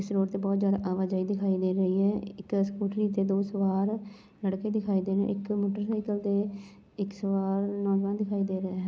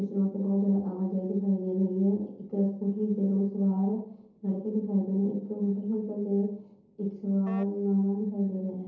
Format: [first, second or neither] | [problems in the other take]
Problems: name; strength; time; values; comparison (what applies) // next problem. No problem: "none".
first | noise reduction (neural separator model SepFormer DNS4)